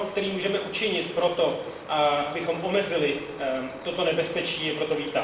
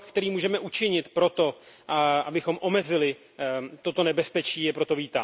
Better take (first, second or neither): second